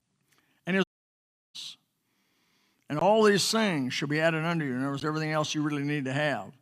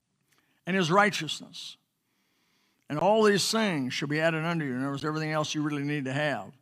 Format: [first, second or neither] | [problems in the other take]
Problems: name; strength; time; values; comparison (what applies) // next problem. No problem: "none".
second | audio cutting out; at 1 s for 0.5 s